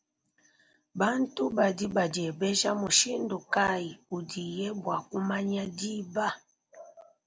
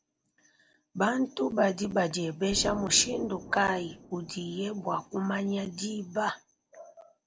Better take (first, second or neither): first